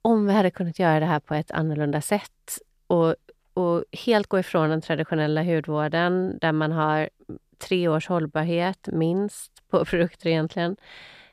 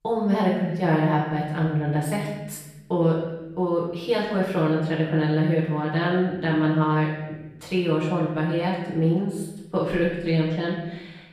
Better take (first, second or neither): first